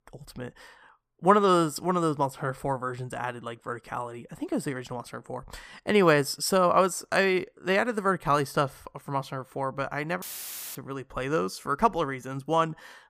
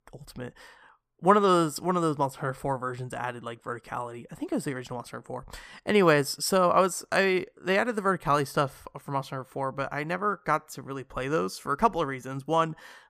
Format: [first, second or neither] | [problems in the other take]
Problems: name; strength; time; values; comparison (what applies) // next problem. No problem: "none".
second | audio cutting out; filled with static; at 10 s for 0.5 s